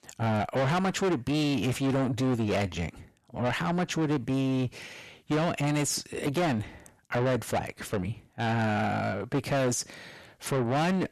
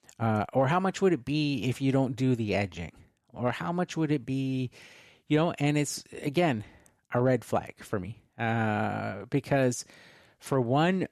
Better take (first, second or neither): second